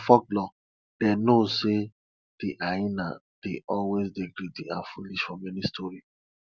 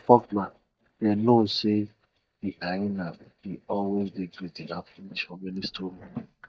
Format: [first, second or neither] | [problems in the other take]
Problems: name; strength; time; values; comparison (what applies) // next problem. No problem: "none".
first | noise reduction (neural mask model DeepFilterNet 3)